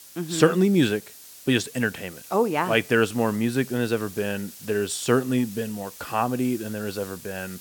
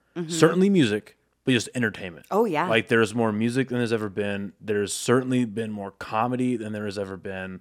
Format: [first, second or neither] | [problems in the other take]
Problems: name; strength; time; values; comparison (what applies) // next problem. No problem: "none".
second | hiss; noticeable; throughout; 15 dB below the speech